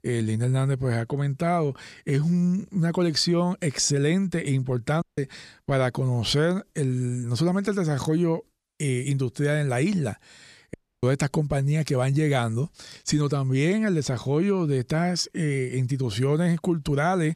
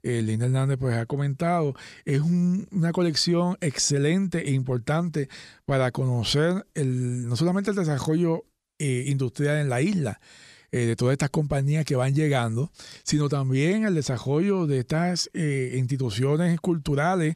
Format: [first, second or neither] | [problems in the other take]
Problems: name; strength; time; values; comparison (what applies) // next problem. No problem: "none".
second | audio cutting out; at 5 s and at 11 s